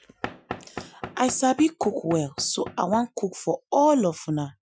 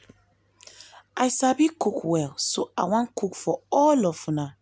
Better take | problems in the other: second | noise reduction (classical method Wiener filter)

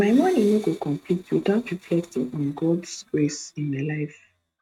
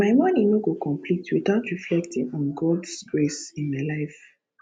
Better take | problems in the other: second | noise reduction (neural mask model RNNoise)

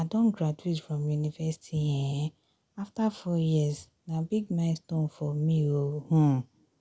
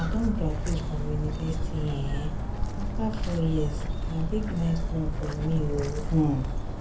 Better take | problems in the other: first | background sound (Walk, footsteps); 1 dB above the speech // room echo; dies away in 0.3 s

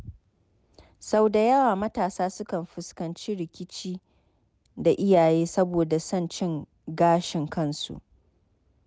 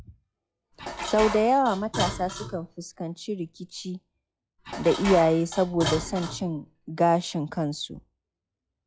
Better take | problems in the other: first | noise reduction (classical method log-MMSE)

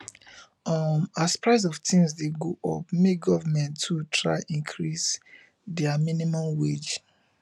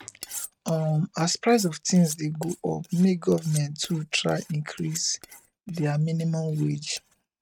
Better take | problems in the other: first | noise reduction (neural mask model RNNoise)

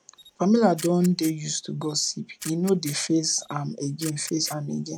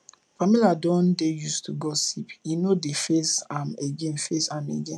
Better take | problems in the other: second | background sound (Camera); 18 dB below the speech

